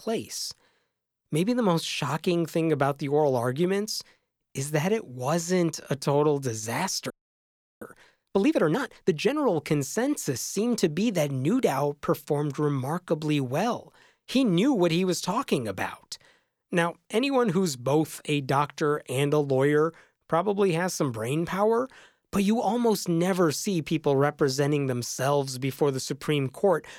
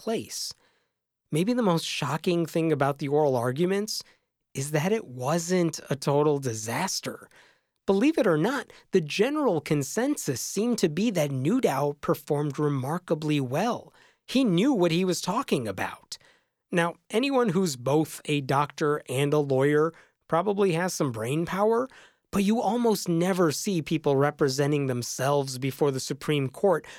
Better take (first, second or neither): second